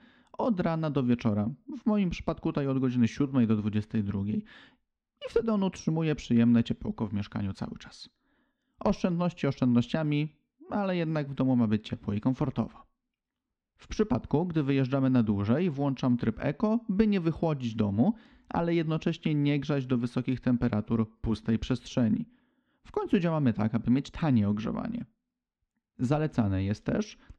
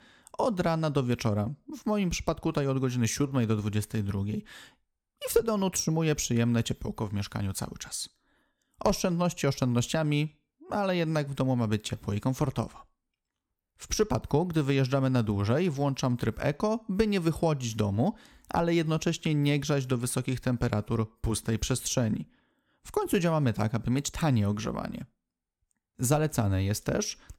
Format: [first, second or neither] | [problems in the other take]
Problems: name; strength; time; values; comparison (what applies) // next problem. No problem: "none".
second | muffled; slightly; fading above 4 kHz